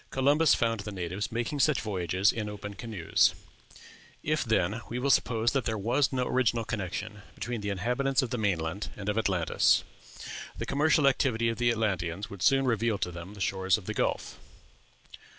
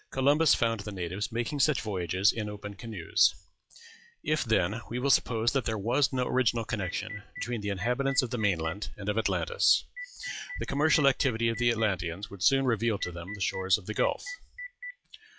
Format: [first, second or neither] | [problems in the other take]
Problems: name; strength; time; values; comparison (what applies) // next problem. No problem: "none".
first | noise reduction (classical method log-MMSE)